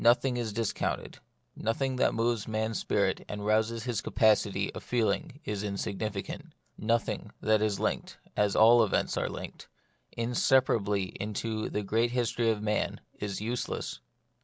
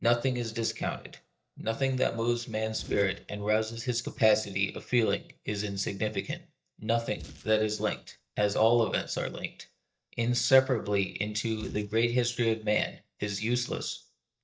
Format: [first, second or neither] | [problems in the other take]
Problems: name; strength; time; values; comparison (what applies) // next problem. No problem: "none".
first | noise reduction (neural mask model DeepFilterNet 3)